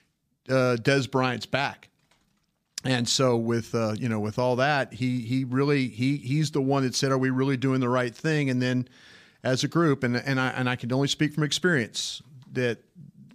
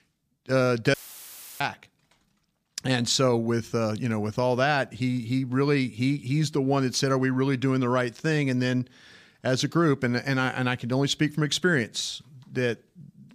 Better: first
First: none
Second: audio cutting out; filled with static; at 1 s for 0.5 s

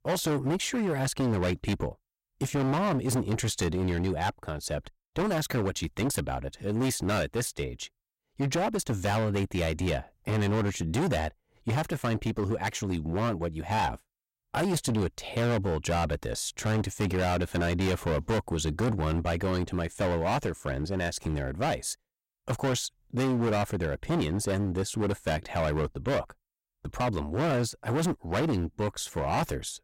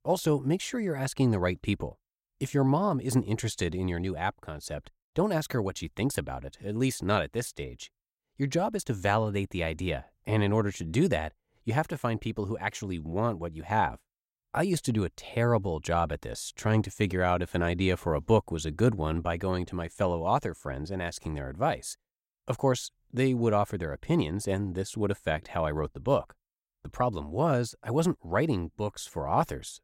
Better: second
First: distortion; heavy; 19% of the sound clipped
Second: none

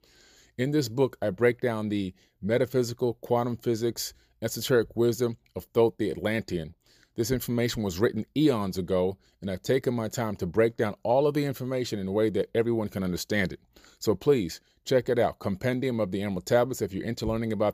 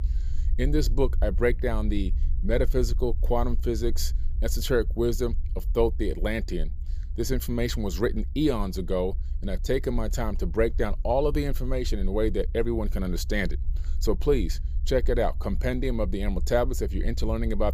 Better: first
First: none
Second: low rumble; faint; throughout; 25 dB below the speech

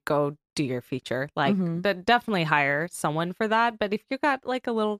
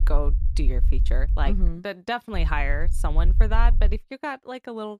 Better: first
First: none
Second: low rumble; noticeable; until 1.5 s and from 2.5 to 4 s; 15 dB below the speech

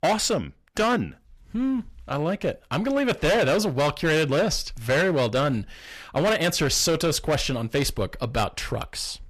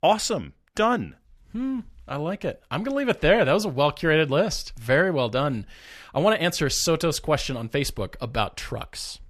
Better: second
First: distortion; heavy; 11% of the sound clipped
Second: none

